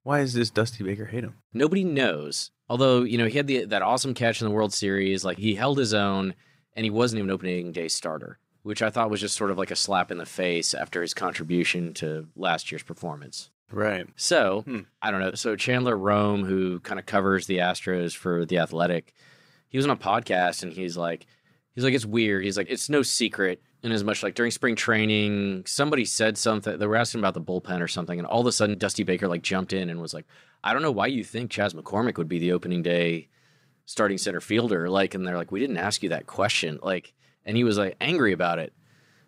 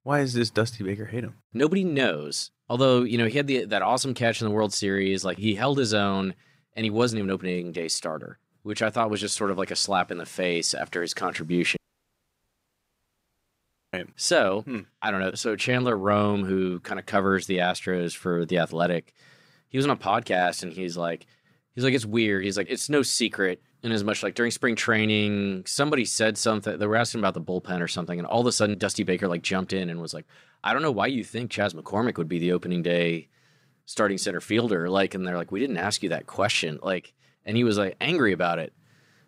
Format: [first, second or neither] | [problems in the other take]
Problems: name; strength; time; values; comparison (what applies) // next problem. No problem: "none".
first | audio cutting out; at 12 s for 2 s